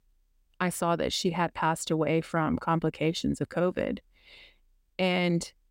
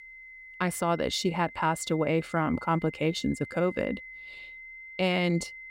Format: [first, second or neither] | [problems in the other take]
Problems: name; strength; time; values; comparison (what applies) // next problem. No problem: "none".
first | high-pitched whine; noticeable; throughout; 2 kHz, 15 dB below the speech